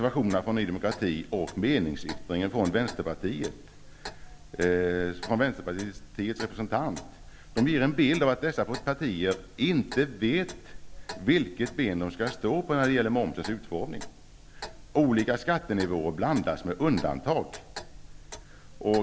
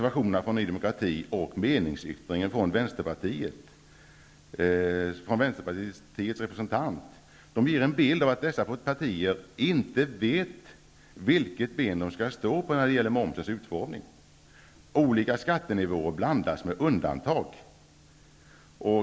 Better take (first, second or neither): second